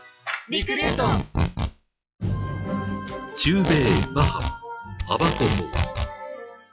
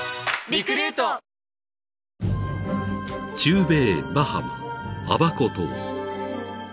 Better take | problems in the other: second | noise reduction (classical method log-MMSE)

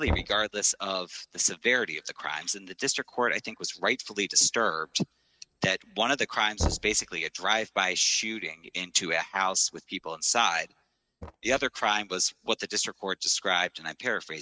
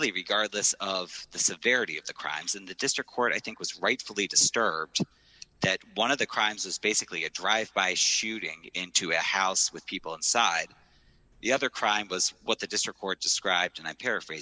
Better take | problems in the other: second | noise reduction (neural mask model RNNoise)

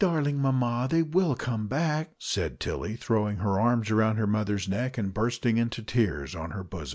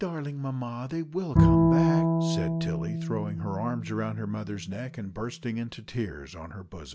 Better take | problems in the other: first | background sound (Bowed string instrument); 5 dB above the speech

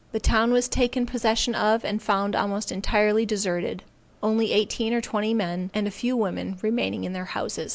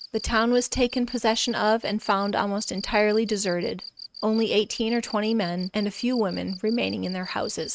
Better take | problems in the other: first | noise reduction (neural mask model RNNoise)

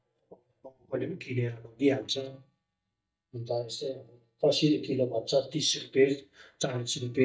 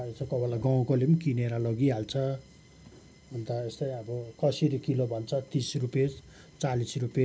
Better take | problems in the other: second | noise reduction (neural mask model DeepFilterNet 3)

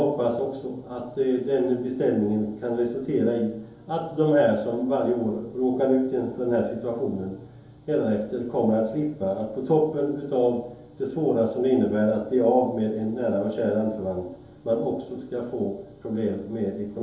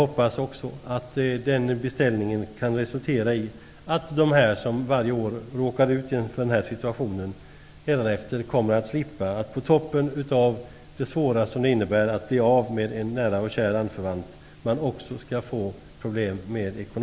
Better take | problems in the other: second | room echo; dies away in 2.8 s

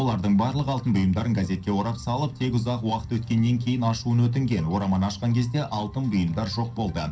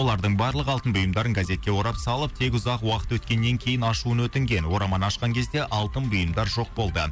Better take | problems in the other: second | room echo; dies away in 0.3 s

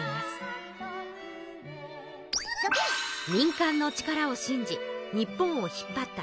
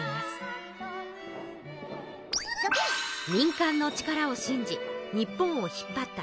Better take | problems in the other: first | background sound (Fireworks); 17 dB below the speech

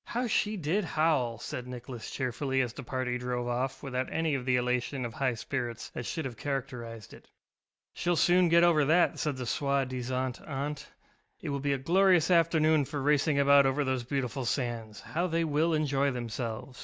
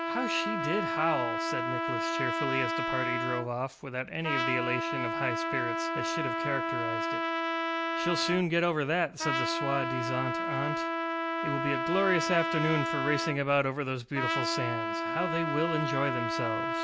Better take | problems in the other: first | background sound (Trumpet); 1 dB above the speech

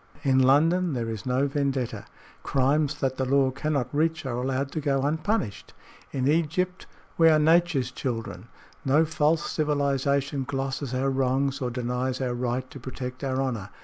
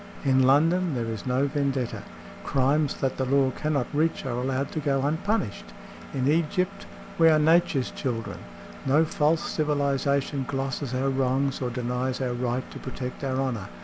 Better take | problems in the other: first | background sound (Engine); 16 dB below the speech

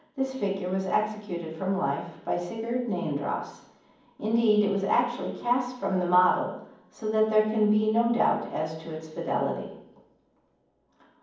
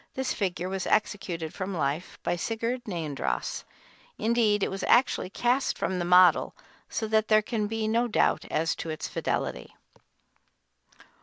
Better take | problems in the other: second | room echo; dies away in 1.2 s

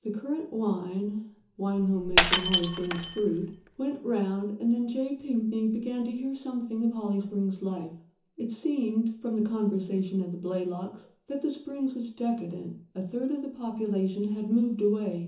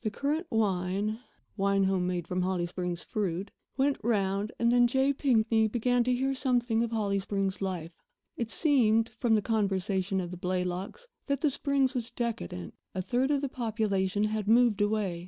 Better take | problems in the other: second | background sound (Shatter); as loud as the speech // room echo; dies away in 0.8 s

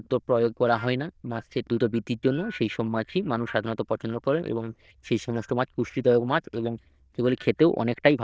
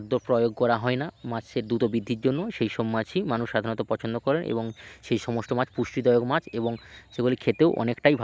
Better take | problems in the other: second | noise reduction (neural diffusion model UNIVERSE++)

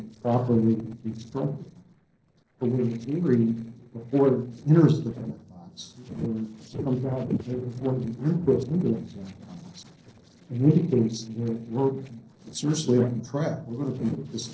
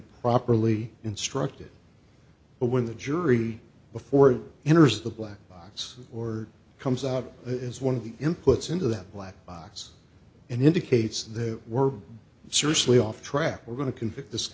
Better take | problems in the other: second | noise reduction (neural separator model SepFormer DNS4)

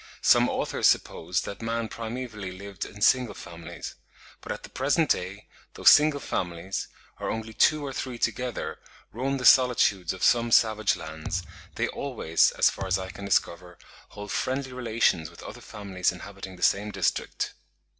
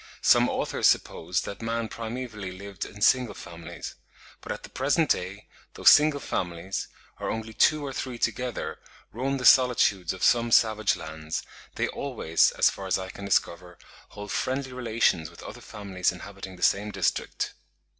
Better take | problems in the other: second | background sound (Thump, thud); 13 dB below the speech

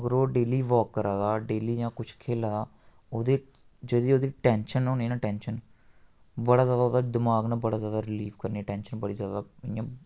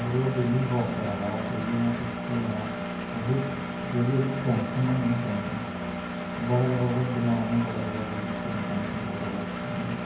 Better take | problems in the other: first | background sound (Engine); 4 dB below the speech // room echo; dies away in 0.9 s

